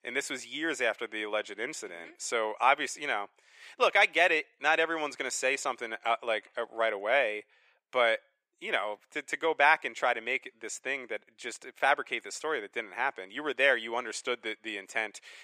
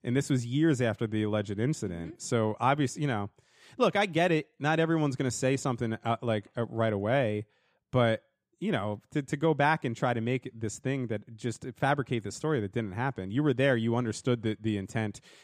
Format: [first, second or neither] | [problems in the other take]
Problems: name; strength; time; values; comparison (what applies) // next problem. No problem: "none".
second | thin; very; fading below 500 Hz